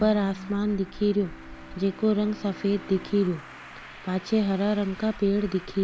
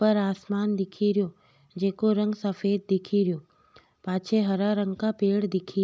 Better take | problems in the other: second | background sound (Bowed string instrument + Traffic noise, roadway noise); 16 dB below the speech

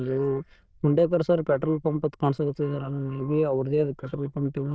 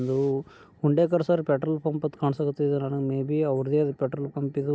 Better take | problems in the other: second | noise reduction (neural diffusion model UNIVERSE++)

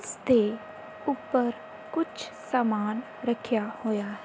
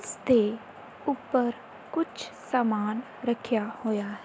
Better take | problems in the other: second | background sound (Wind instrument, woodwind instrument); 19 dB below the speech

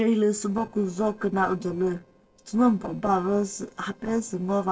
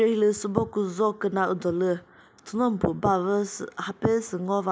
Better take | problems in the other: second | noise reduction (neural separator model SepFormer DNS4)

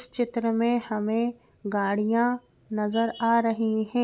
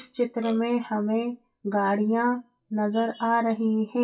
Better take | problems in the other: first | noise reduction (classical method WPE with log-MMSE)

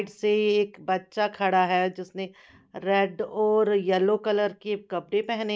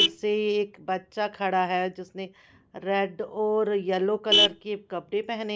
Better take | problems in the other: first | background sound (Vehicle horn, car horn, honking); 3 dB below the speech

